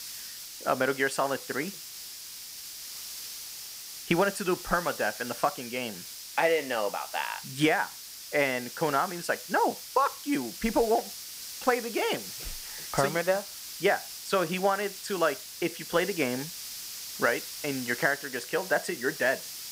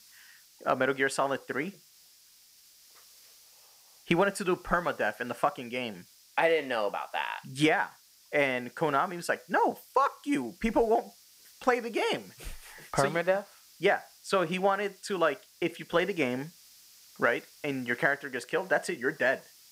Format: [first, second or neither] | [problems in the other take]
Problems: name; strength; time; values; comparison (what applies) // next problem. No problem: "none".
second | hiss; loud; throughout; 9 dB below the speech; faint in the second